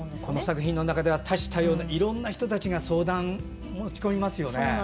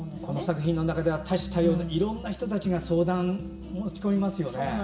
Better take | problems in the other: first | room echo; dies away in 1.6 s

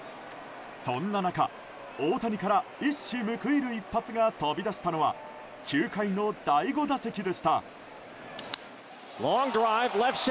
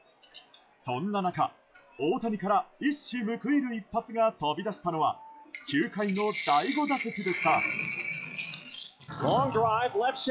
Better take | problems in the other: first | noise reduction (classical method log-MMSE)

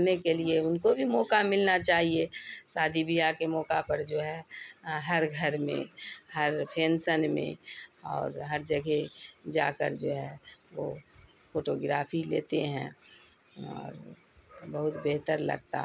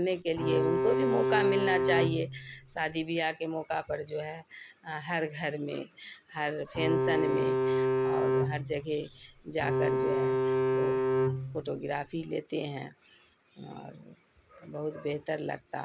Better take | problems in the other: first | background sound (Bowed string instrument); 5 dB above the speech

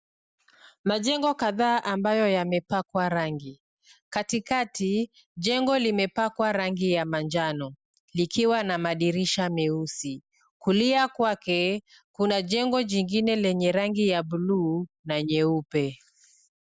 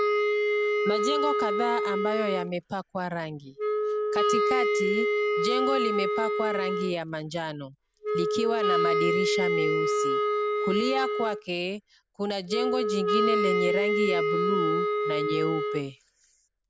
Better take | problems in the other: first | background sound (Wind instrument, woodwind instrument); 5 dB above the speech

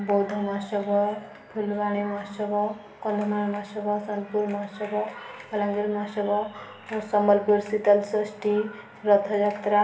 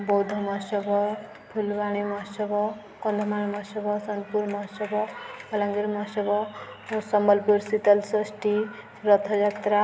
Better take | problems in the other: second | room echo; dies away in 0.4 s

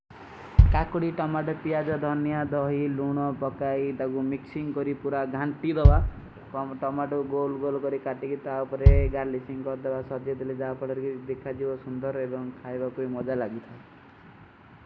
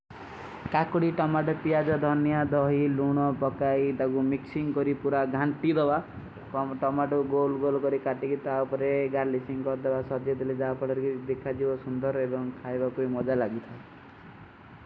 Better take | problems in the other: second | background sound (Bass drum); 5 dB above the speech

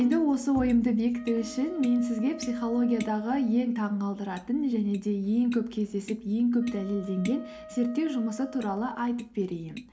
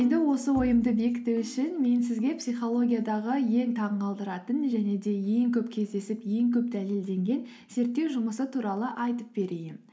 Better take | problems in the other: second | background sound (Tap + Wind instrument, woodwind instrument); 18 dB below the speech

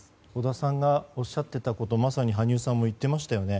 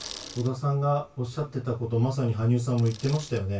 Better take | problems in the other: first | background sound (Bicycle); 20 dB below the speech // room echo; dies away in 0.1 s

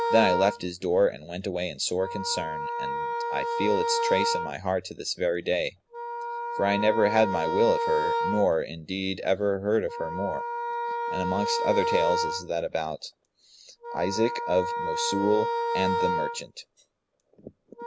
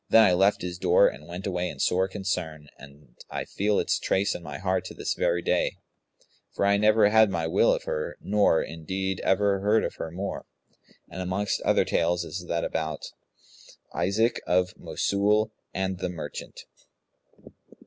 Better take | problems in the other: second | background sound (Wind instrument, woodwind instrument); 3 dB below the speech

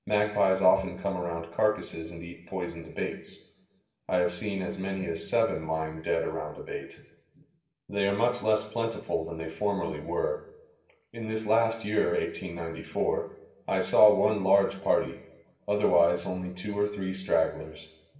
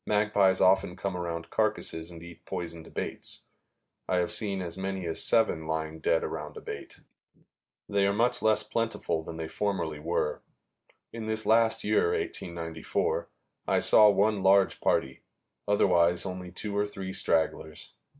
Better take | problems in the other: second | room echo; dies away in 0.9 s

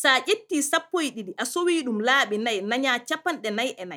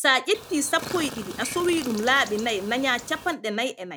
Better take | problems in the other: first | background sound (Chirp, tweet); 13 dB below the speech

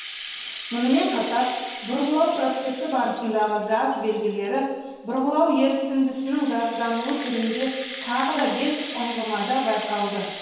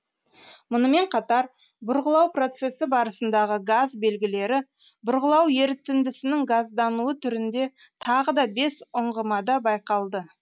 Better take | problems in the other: second | background sound (Rattle (instrument)); 13 dB below the speech // room echo; dies away in 1.2 s

